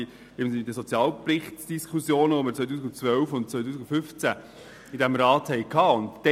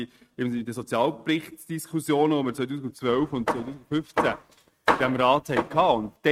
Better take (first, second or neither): first